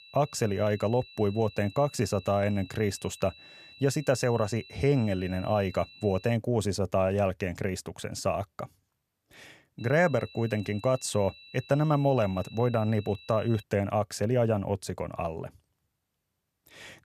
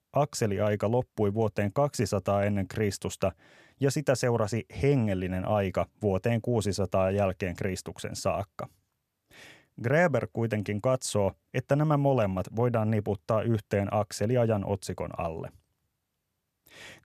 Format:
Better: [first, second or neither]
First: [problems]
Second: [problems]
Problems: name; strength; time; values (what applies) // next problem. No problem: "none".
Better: second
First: high-pitched whine; faint; until 6.5 s and from 10 to 14 s; 4 kHz, 20 dB below the speech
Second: none